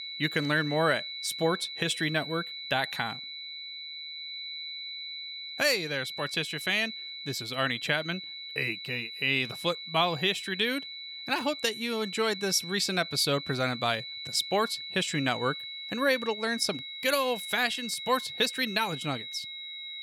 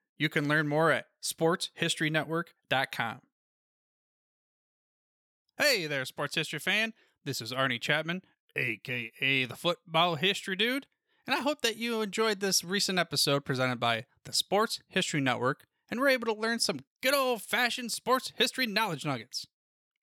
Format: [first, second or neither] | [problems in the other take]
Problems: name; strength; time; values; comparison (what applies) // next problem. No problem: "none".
second | high-pitched whine; loud; throughout; 4 kHz, 8 dB below the speech